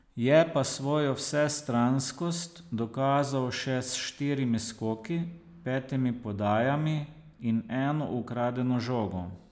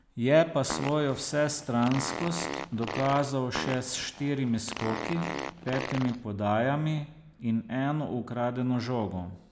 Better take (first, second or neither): first